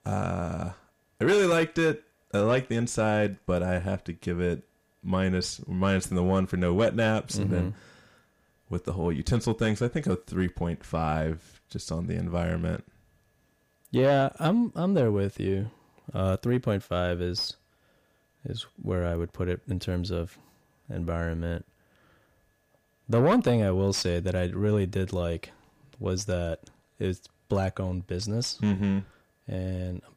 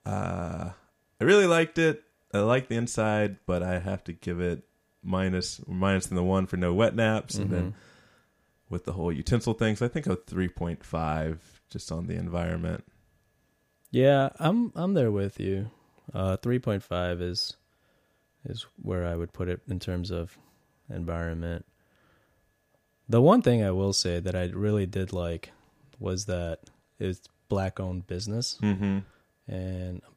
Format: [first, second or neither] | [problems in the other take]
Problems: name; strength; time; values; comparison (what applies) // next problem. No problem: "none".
second | distortion; slight; 10 dB below the speech